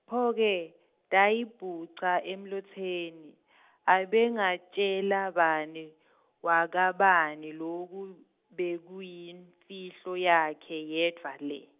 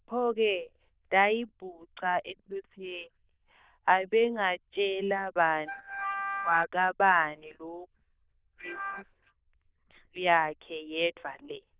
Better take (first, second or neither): first